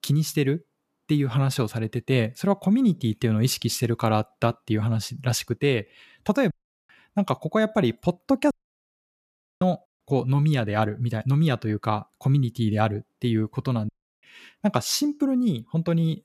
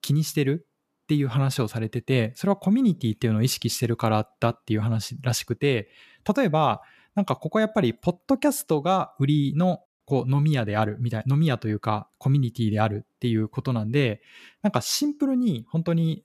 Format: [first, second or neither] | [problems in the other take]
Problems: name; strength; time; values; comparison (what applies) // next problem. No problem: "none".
second | audio cutting out; at 6.5 s, at 8.5 s for 1 s and at 14 s